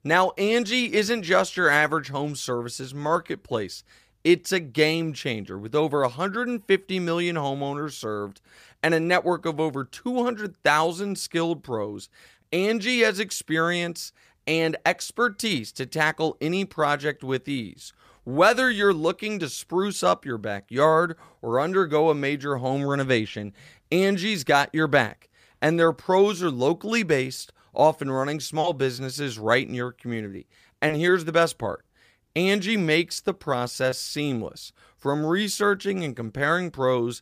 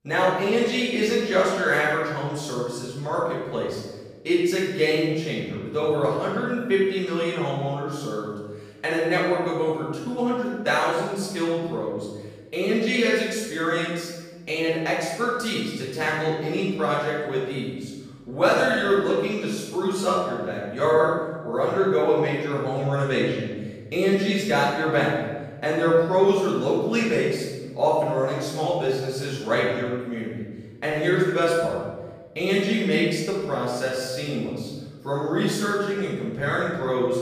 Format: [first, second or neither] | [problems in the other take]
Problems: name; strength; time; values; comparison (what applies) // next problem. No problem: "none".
first | off-mic speech; far // room echo; strong; dies away in 1.2 s